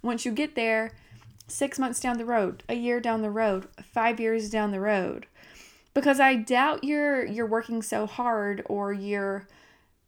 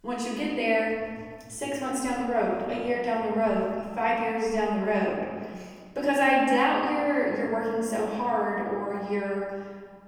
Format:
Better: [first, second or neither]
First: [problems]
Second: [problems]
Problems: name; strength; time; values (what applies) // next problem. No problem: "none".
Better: first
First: none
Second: room echo; noticeable; dies away in 1.7 s // off-mic speech; far